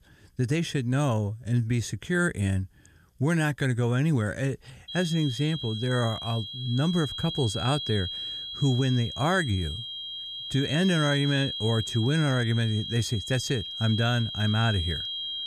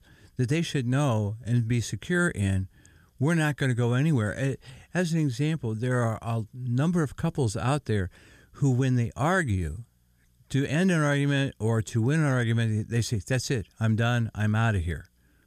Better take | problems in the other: second | high-pitched whine; loud; from 5 s on; 3 kHz, 6 dB below the speech

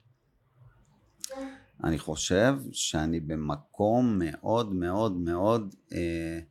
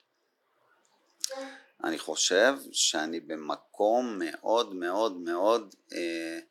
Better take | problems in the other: first | thin; somewhat; fading below 350 Hz

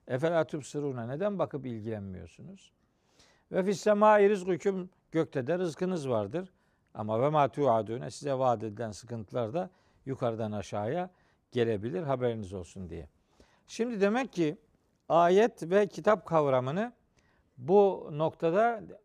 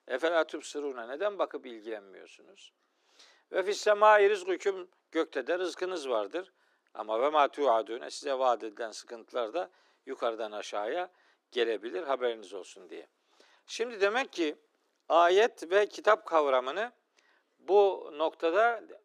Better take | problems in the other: first | thin; very; fading below 300 Hz

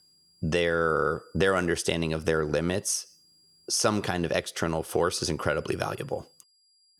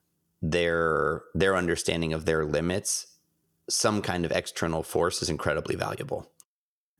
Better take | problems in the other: second | high-pitched whine; faint; throughout; 5 kHz, 30 dB below the speech

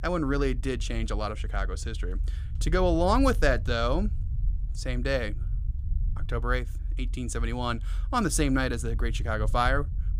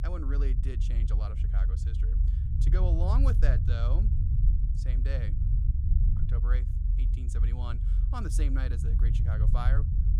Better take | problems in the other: first | low rumble; loud; throughout; 4 dB below the speech; faint in the first

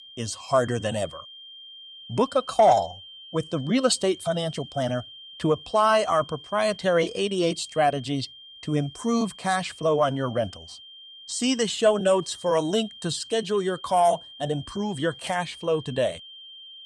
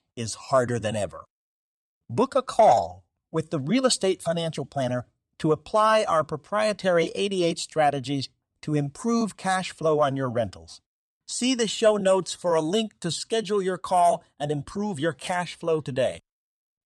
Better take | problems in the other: second | high-pitched whine; noticeable; throughout; 3 kHz, 15 dB below the speech

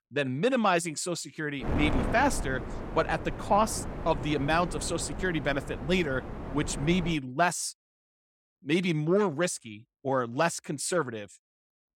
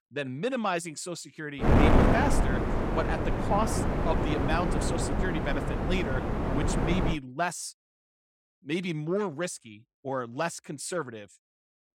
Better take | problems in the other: first | wind noise on the microphone; heavy; from 1.5 to 7 s; 2 dB above the speech; occasional gusts in the first

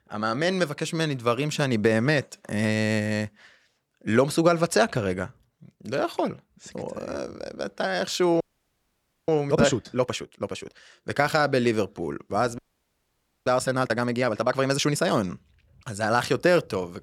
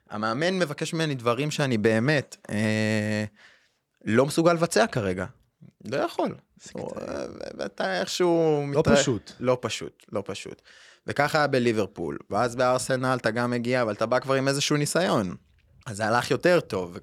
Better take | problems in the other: second | audio freezing; at 8.5 s for 1 s and at 13 s for 1 s

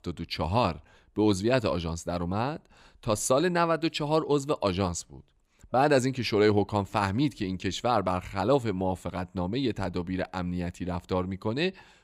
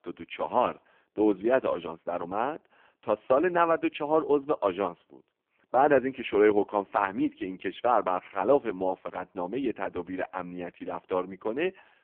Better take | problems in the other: first | phone-call audio; poor line

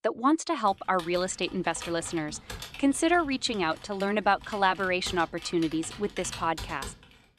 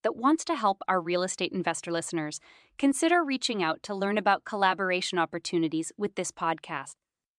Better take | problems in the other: second | keyboard typing; faint; from 0.5 s on; peak 10 dB below the speech

